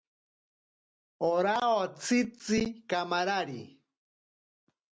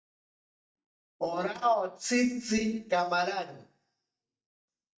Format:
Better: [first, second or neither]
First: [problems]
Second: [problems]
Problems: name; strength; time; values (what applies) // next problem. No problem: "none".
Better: first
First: none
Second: noise reduction (neural mask model DeepFilterNet 3)